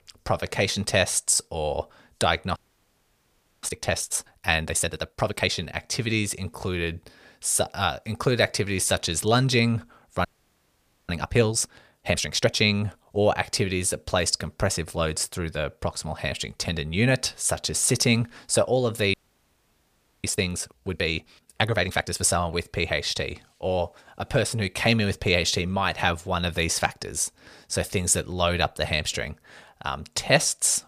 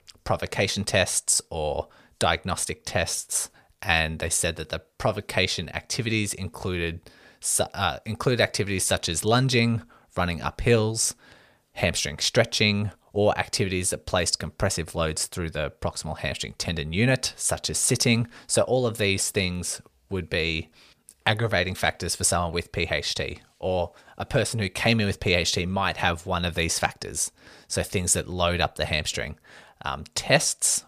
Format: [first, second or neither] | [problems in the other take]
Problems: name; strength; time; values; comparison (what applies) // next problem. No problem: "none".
second | audio freezing; at 2.5 s for 1 s, at 10 s for 1 s and at 19 s for 1 s